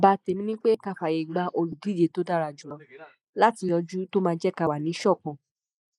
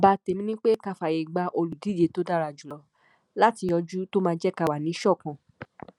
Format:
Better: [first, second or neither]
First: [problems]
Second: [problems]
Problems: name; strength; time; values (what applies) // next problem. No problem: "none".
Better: second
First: noise reduction (neural mask model Resemble Enhance denoiser)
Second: none